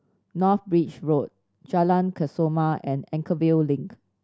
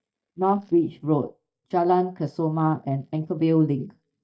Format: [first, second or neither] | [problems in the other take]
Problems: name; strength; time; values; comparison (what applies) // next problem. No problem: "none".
first | noise reduction (neural mask model DeepFilterNet 3)